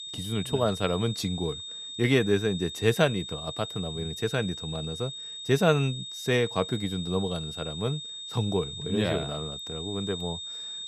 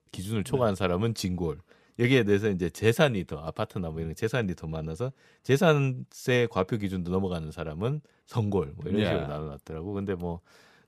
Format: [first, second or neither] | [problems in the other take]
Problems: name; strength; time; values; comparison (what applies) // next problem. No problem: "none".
second | high-pitched whine; loud; throughout; 3.5 kHz, 7 dB below the speech